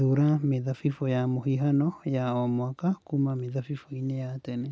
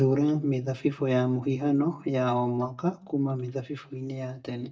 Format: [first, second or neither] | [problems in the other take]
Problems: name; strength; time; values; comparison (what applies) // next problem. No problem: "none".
first | noise reduction (neural mask model DeepFilterNet 3)